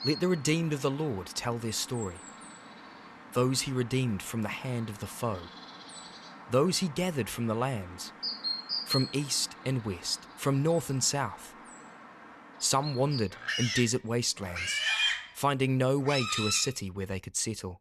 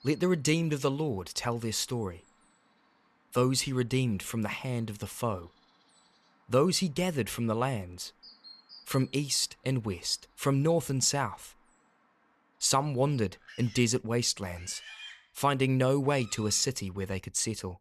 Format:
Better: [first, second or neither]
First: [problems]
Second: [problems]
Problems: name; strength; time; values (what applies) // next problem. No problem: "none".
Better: second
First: animal sounds; loud; throughout; 3 dB below the speech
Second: animal sounds; faint; throughout; 20 dB below the speech